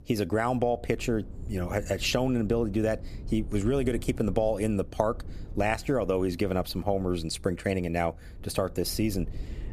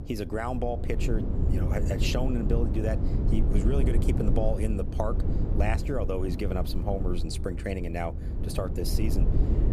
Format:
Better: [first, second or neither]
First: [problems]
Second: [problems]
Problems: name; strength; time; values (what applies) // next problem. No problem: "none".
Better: first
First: low rumble; faint; throughout; 25 dB below the speech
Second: low rumble; loud; throughout; 6 dB below the speech